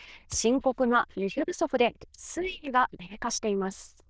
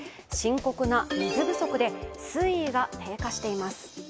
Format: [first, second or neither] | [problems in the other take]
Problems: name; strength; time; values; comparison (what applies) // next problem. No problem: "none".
second | noise reduction (neural diffusion model UNIVERSE++)